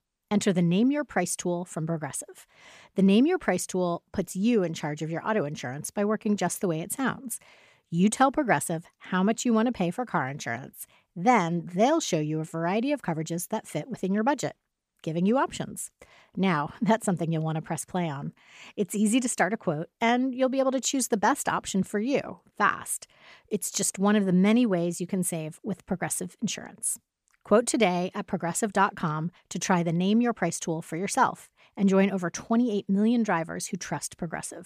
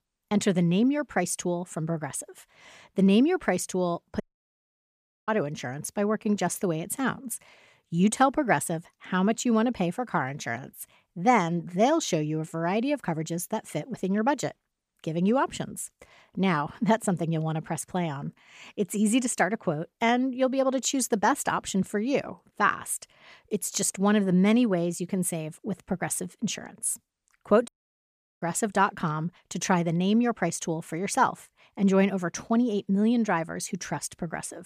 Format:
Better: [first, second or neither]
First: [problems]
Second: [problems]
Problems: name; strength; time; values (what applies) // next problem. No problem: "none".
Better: first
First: none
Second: audio cutting out; at 4 s for 1 s and at 28 s for 0.5 s